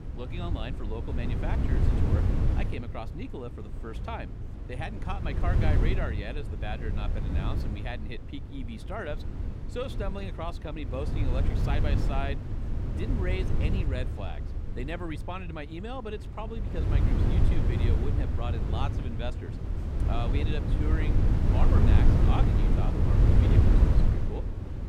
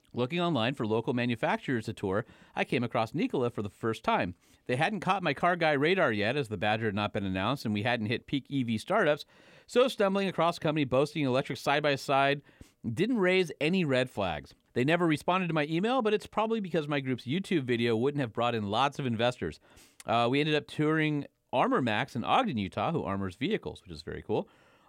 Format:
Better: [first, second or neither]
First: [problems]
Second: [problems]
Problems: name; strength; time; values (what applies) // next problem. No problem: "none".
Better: second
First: wind noise on the microphone; heavy; 1 dB below the speech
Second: none